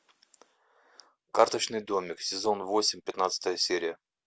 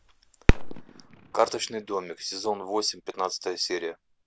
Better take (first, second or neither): first